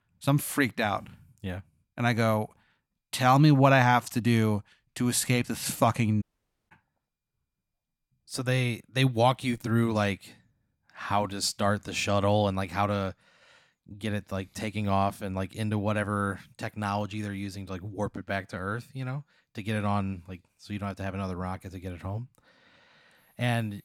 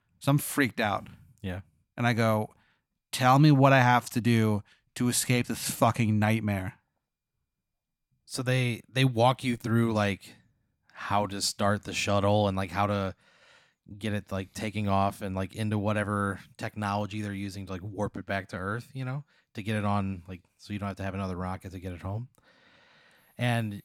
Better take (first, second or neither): second